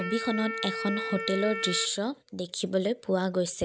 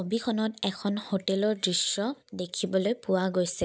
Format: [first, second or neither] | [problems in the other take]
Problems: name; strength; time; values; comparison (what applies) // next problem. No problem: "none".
second | background sound (Wind instrument, woodwind instrument); 7 dB below the speech